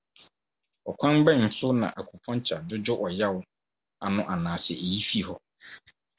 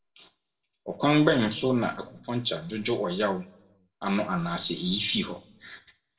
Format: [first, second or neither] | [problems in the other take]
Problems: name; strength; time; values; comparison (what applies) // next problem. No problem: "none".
first | room echo; dies away in 0.4 s